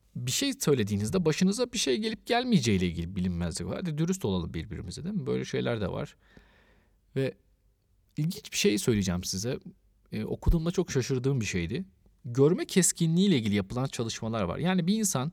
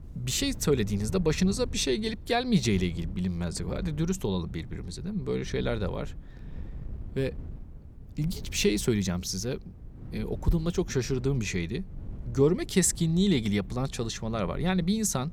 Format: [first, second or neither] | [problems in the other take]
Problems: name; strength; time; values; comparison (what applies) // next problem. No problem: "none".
first | wind noise on the microphone; occasional gusts; 25 dB below the speech